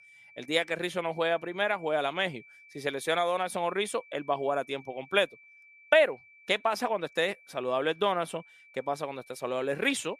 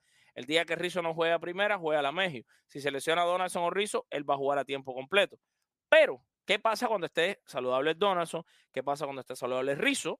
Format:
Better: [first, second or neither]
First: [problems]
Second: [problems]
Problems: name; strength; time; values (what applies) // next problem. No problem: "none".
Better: second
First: high-pitched whine; faint; throughout; 2.5 kHz, 25 dB below the speech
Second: none